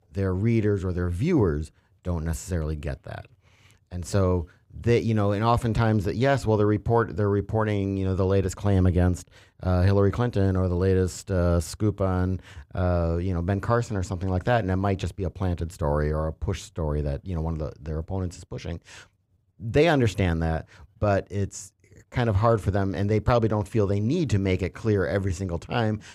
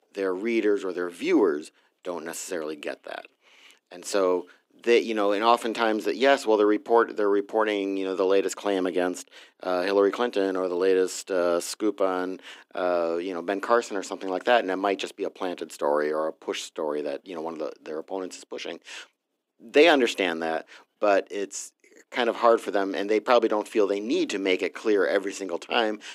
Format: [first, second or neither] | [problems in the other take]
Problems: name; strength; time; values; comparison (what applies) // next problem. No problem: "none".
first | thin; somewhat; fading below 250 Hz